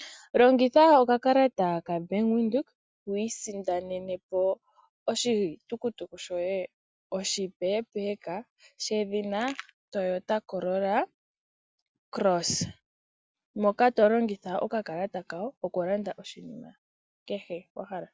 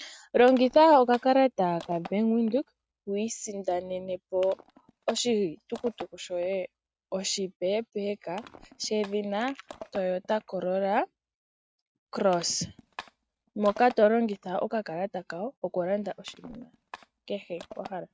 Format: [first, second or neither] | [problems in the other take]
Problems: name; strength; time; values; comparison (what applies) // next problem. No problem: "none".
first | noise reduction (neural mask model RNNoise)